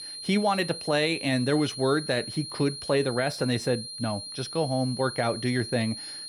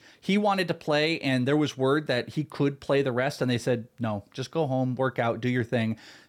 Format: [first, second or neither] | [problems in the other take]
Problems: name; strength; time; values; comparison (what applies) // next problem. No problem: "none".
second | high-pitched whine; loud; throughout; 4 kHz, 9 dB below the speech